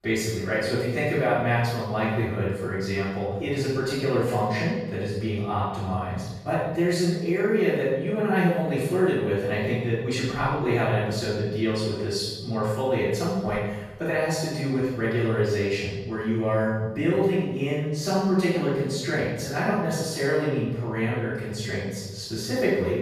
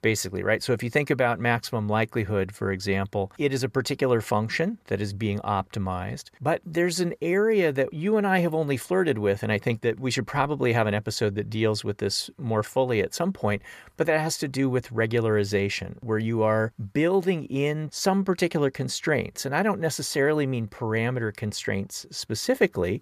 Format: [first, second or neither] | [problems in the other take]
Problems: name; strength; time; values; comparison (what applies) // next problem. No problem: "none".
second | room echo; strong; dies away in 1 s // off-mic speech; far